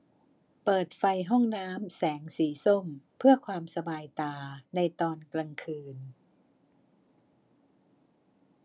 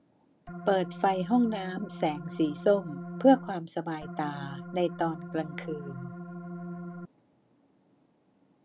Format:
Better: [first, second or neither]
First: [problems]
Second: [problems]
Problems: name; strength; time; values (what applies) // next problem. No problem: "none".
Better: first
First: none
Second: background sound (Organ); 10 dB below the speech